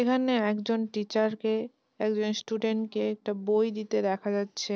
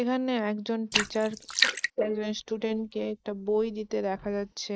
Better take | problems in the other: first | noise reduction (neural mask model Resemble Enhance denoiser)

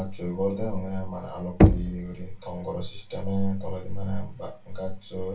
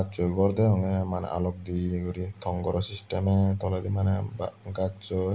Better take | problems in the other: second | background sound (Knock); 3 dB above the speech // room echo; dies away in 0.2 s

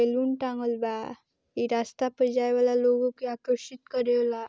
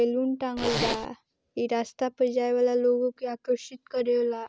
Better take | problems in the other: first | background sound (Zipper (clothing)); 2 dB below the speech

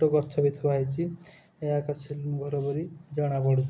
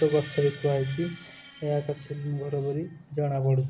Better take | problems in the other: first | background sound (Screech); 20 dB below the speech

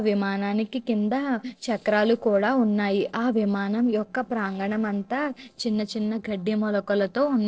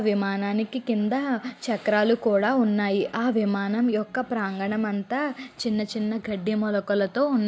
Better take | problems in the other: second | noise reduction (neural separator model SepFormer DNS4)

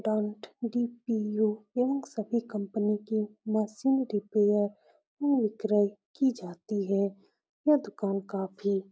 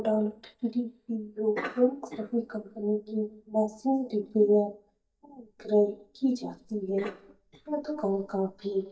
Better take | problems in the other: first | noise reduction (neural mask model DeepFilterNet 3)

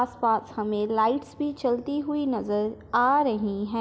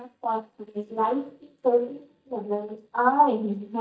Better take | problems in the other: first | noise reduction (neural mask model DeepFilterNet 3)

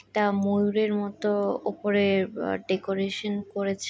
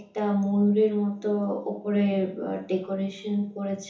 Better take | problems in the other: first | room echo; dies away in 0.7 s

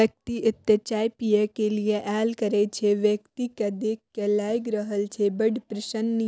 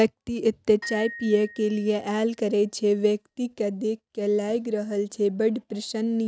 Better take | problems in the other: first | noise reduction (neural mask model RNNoise)

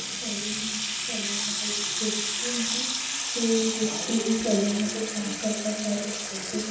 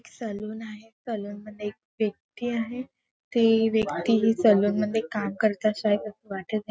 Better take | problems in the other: second | background sound (Sink (filling or washing) / Water tap, faucet); as loud as the speech // room echo; dies away in 0.8 s

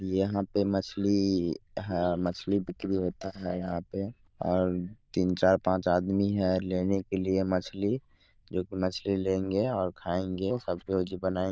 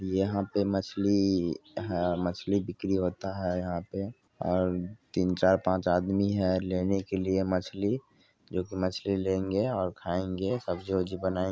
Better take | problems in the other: second | noise reduction (neural diffusion model UNIVERSE++)

